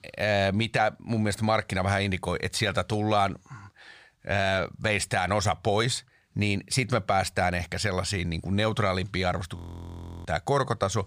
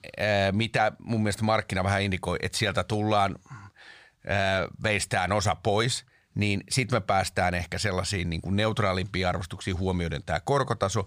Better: second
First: audio freezing; at 9.5 s for 0.5 s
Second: none

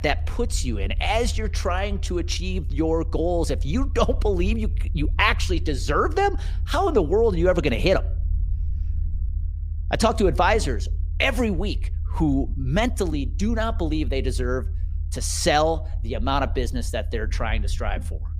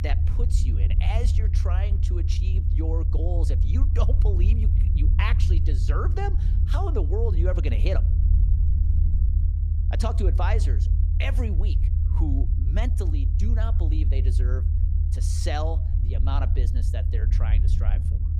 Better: first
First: low rumble; faint; throughout; 25 dB below the speech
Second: low rumble; loud; throughout; 6 dB below the speech

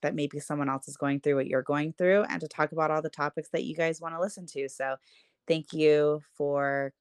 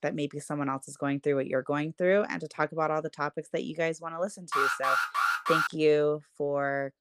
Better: first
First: none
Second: alarm; loud; from 4.5 to 5.5 s; peak 4 dB above the speech

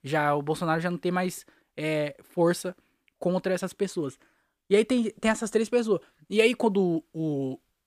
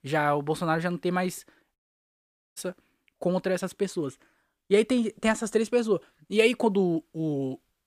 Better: first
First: none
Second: audio cutting out; at 2 s for 1 s

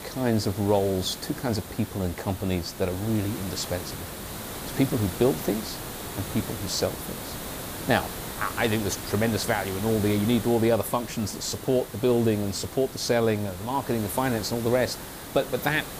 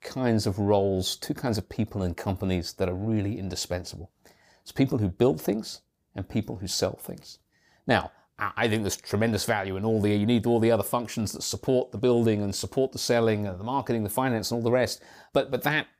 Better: second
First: hiss; loud; throughout; 9 dB below the speech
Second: none

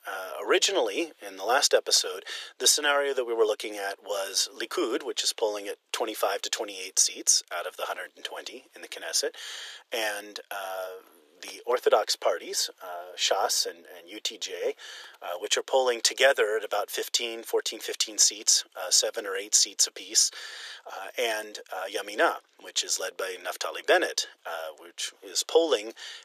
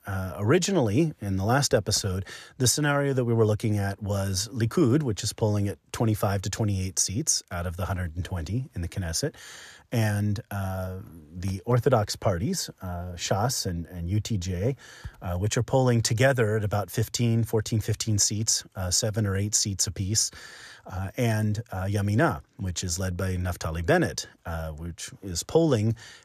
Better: second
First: thin; very; fading below 400 Hz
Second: none

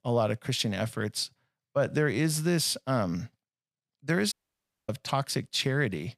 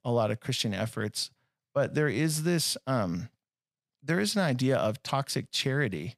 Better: second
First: audio cutting out; at 4.5 s for 0.5 s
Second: none

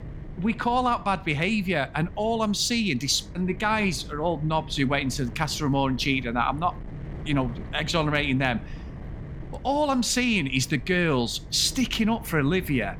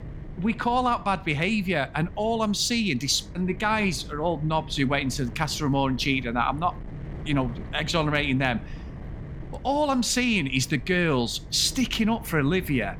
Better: neither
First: wind noise on the microphone; occasional gusts; 20 dB below the speech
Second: wind noise on the microphone; occasional gusts; 20 dB below the speech

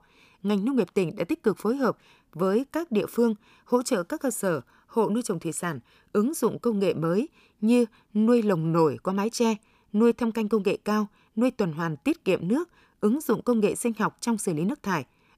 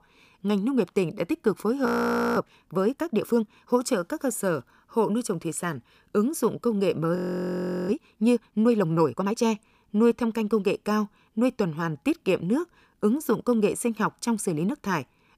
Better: first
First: none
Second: audio freezing; at 2 s and at 7 s for 0.5 s

